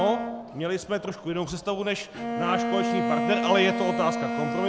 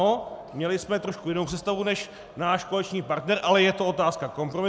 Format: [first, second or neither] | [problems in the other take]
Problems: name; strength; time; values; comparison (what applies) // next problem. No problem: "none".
second | background sound (Bowed string instrument); 2 dB below the speech